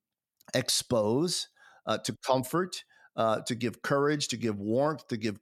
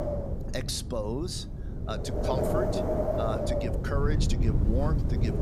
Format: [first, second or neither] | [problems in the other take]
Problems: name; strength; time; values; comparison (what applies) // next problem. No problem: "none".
first | wind noise on the microphone; heavy; 3 dB above the speech